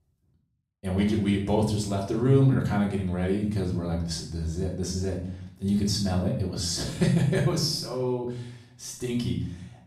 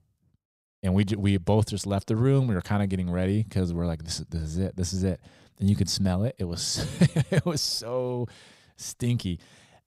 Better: second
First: off-mic speech; far // room echo; noticeable; dies away in 0.6 s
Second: none

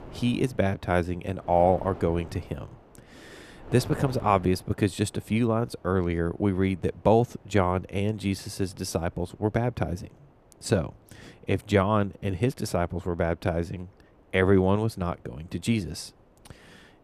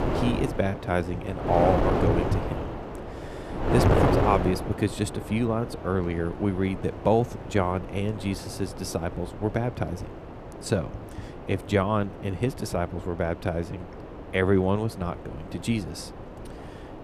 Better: first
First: wind noise on the microphone; occasional gusts; 25 dB below the speech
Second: wind noise on the microphone; heavy; 5 dB below the speech

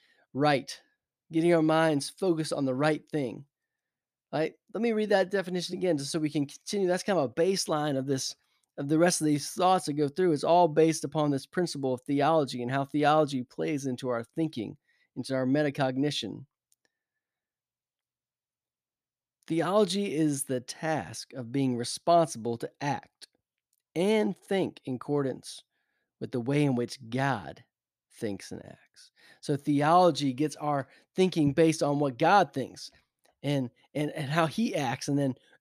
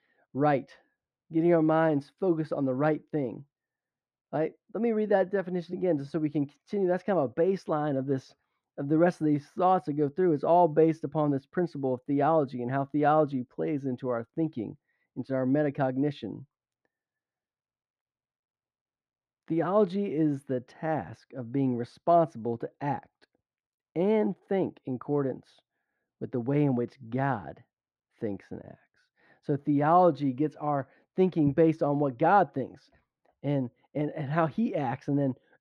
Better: first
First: none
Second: muffled; very; fading above 3.5 kHz

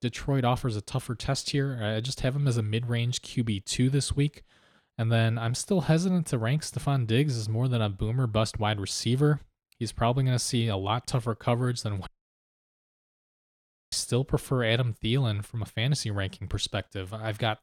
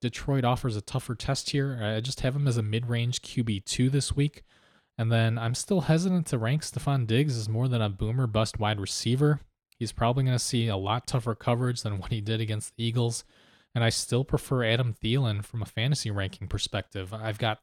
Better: second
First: audio cutting out; at 12 s for 2 s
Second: none

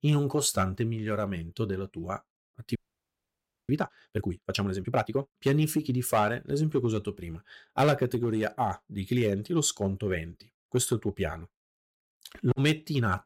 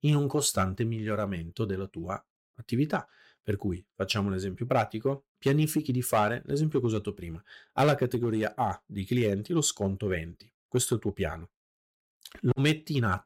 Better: second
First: audio freezing; at 3 s for 1 s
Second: none

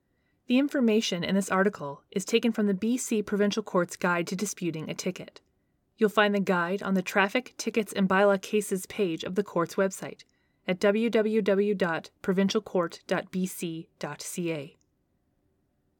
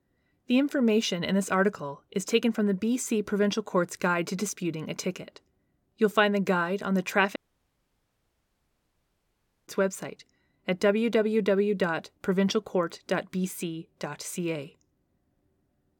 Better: first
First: none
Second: audio cutting out; at 7.5 s for 2.5 s

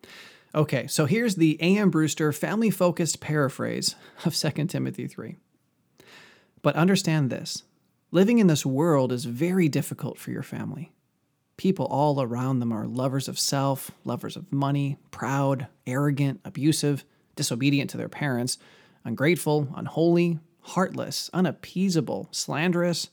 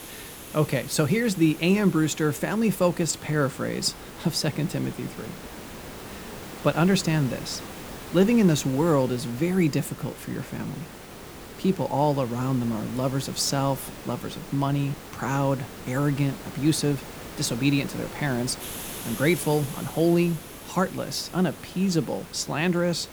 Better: first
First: none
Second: hiss; noticeable; throughout; 15 dB below the speech

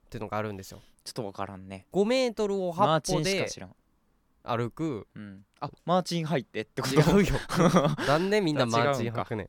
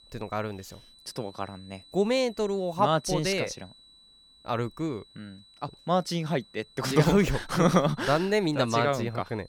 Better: first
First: none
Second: high-pitched whine; faint; throughout; 4 kHz, 25 dB below the speech

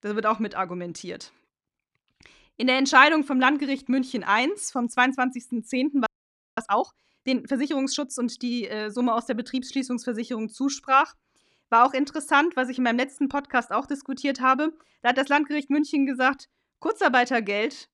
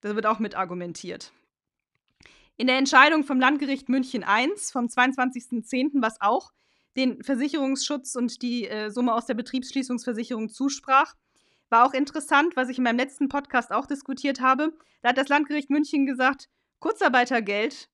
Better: second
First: audio freezing; at 6 s for 0.5 s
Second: none

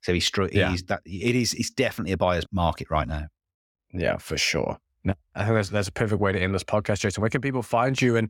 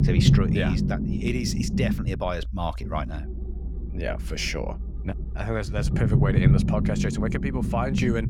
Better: first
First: none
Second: low rumble; loud; throughout; 3 dB below the speech

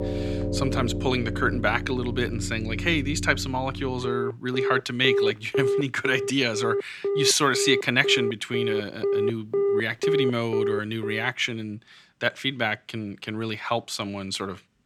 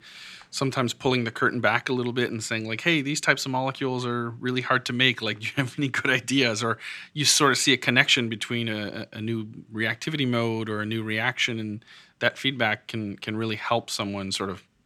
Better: second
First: alarms or sirens; loud; until 11 s; 2 dB below the speech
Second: none

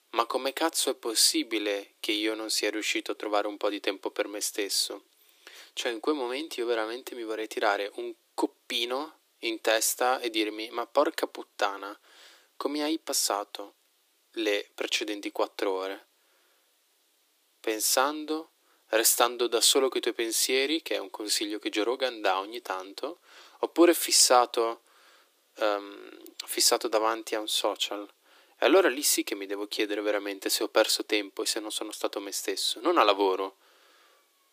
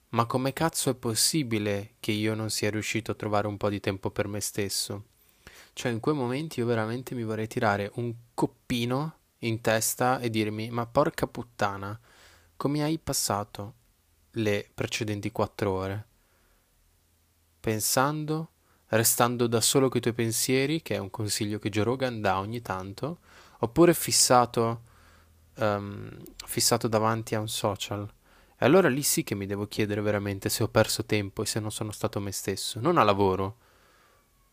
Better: second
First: thin; somewhat; fading below 300 Hz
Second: none

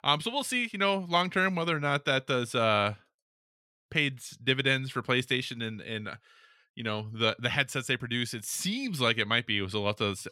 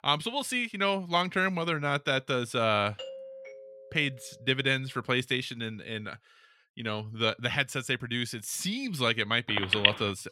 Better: first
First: none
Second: doorbell; faint; from 3 to 4.5 s; peak 10 dB below the speech // phone ringing; loud; at 9.5 s; peak 6 dB above the speech

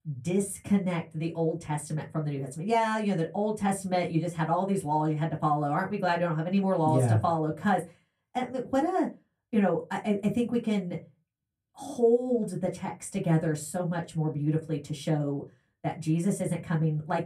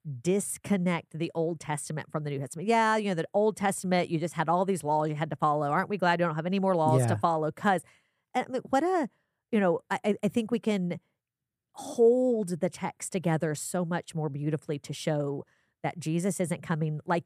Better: second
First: off-mic speech; far // room echo; very slight; dies away in 0.2 s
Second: none

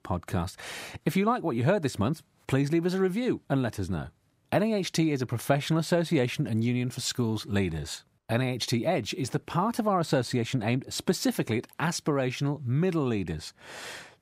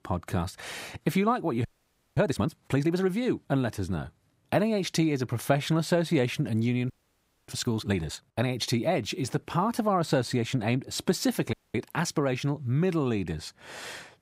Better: first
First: none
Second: audio freezing; at 1.5 s for 0.5 s, at 7 s for 0.5 s and at 12 s

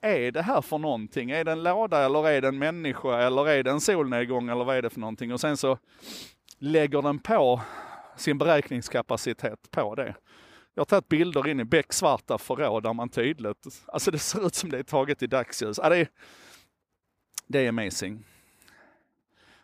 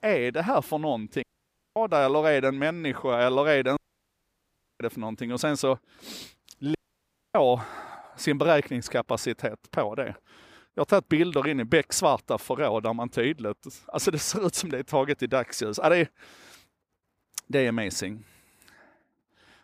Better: first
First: none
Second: audio cutting out; at 1 s for 0.5 s, at 4 s for 1 s and at 7 s for 0.5 s

